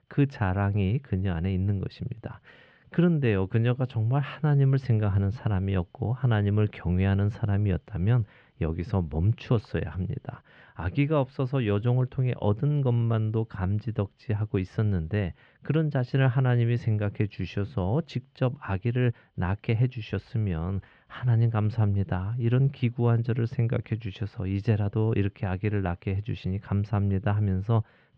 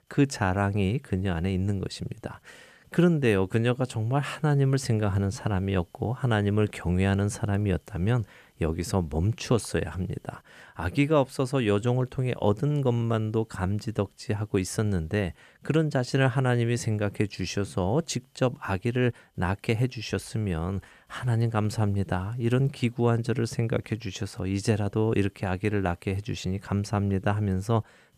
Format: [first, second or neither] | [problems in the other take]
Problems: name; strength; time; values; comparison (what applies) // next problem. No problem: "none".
second | muffled; slightly; fading above 3.5 kHz